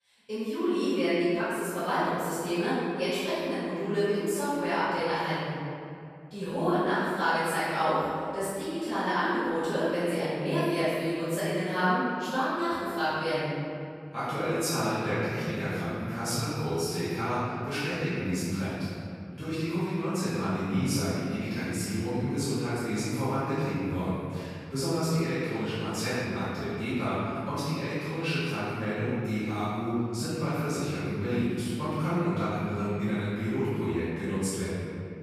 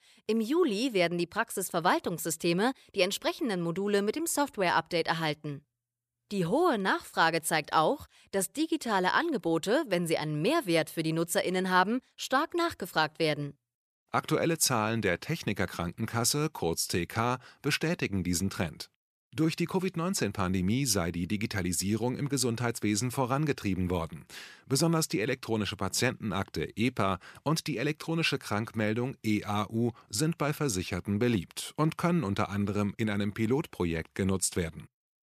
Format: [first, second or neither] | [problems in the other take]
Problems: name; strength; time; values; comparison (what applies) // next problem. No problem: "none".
second | room echo; strong; dies away in 2.3 s // off-mic speech; far